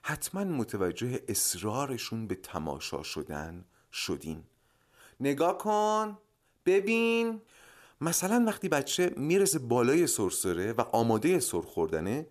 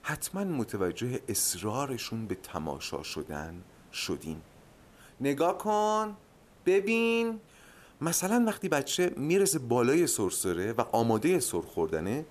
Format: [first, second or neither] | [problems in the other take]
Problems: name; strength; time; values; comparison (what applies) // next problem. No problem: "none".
first | hiss; faint; throughout; 30 dB below the speech